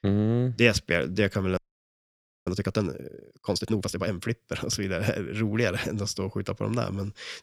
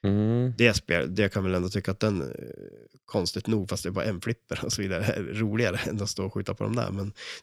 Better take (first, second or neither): second